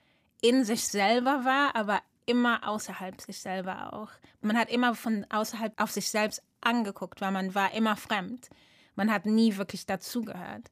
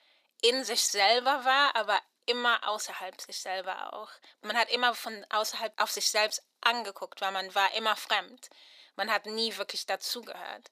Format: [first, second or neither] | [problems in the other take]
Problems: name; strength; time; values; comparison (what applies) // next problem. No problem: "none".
first | thin; very; fading below 450 Hz